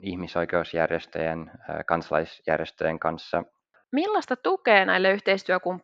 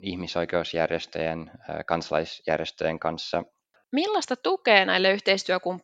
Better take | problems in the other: second | muffled; very slightly; fading above 1.5 kHz

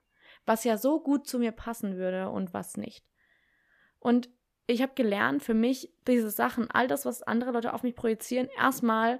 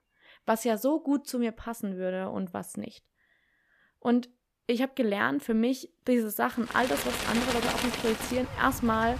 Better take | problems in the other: first | animal sounds; very faint; from 7 s on; 4 dB below the speech

